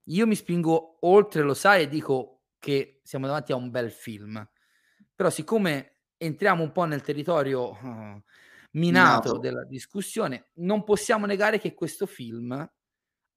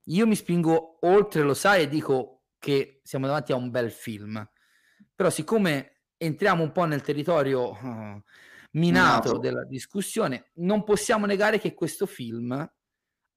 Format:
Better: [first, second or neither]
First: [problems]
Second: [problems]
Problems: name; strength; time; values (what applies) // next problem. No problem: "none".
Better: first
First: none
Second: distortion; slight; 10 dB below the speech